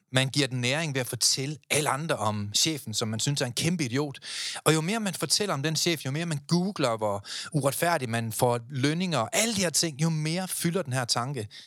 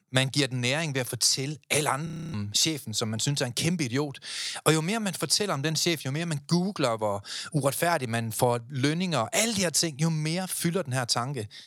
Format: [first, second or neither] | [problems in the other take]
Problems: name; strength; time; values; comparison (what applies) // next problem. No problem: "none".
first | audio freezing; at 2 s